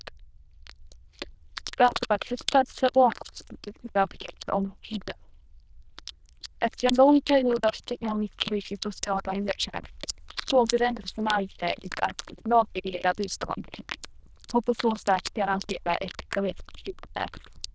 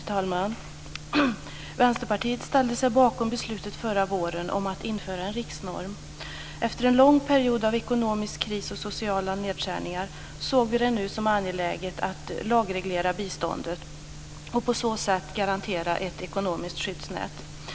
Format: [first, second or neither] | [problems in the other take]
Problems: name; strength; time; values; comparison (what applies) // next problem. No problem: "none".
second | noise reduction (neural diffusion model UNIVERSE++)